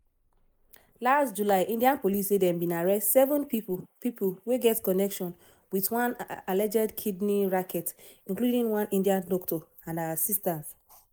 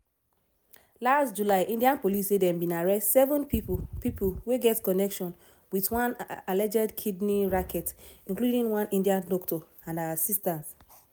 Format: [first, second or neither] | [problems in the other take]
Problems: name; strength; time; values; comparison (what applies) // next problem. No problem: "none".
second | noise reduction (neural mask model Resemble Enhance denoiser)